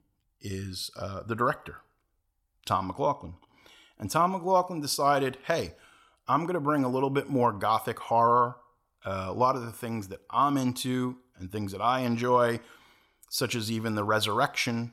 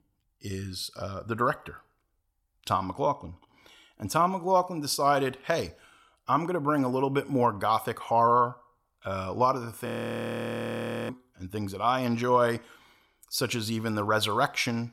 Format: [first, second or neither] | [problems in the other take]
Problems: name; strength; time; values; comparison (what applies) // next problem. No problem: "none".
first | audio freezing; at 10 s for 1 s